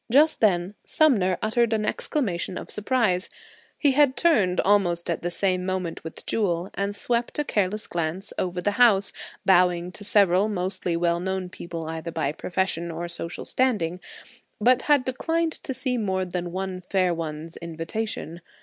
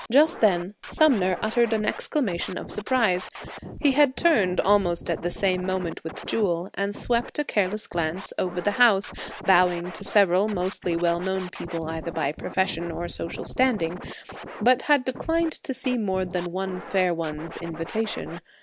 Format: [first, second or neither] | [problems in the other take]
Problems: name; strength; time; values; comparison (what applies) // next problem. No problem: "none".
first | background sound (Scratching (performance technique)); 14 dB below the speech